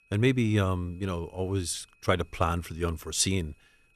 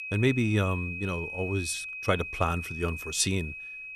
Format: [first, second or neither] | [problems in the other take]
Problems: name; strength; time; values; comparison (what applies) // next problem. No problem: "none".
first | high-pitched whine; loud; throughout; 2.5 kHz, 7 dB below the speech; faint in the first